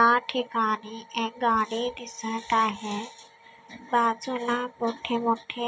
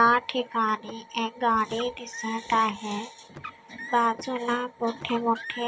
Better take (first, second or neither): first